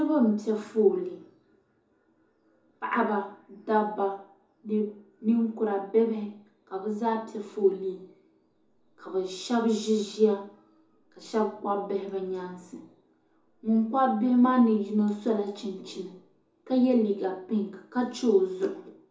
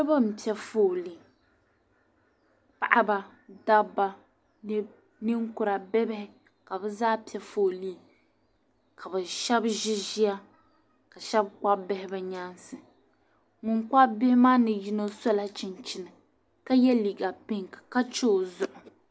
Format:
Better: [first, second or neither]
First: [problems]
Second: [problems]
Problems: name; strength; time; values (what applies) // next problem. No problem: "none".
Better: second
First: room echo; dies away in 0.6 s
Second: none